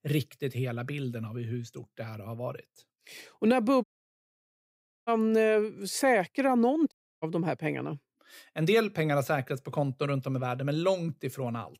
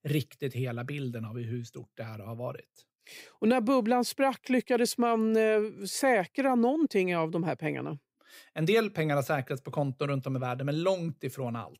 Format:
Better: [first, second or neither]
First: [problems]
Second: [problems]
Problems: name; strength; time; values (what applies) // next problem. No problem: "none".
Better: second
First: audio cutting out; at 4 s for 1 s and at 7 s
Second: none